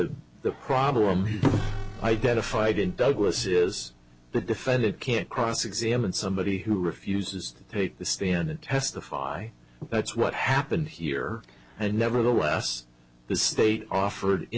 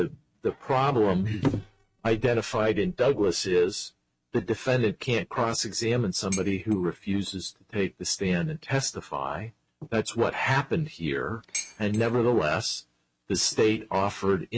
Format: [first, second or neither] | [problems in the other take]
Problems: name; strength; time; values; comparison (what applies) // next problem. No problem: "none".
first | noise reduction (neural mask model RNNoise)